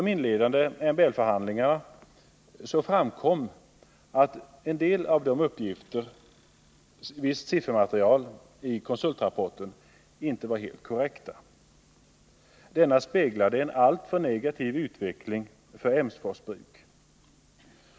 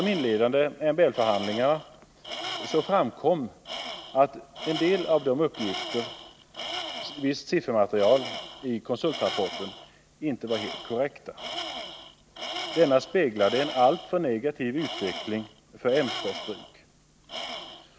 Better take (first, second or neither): first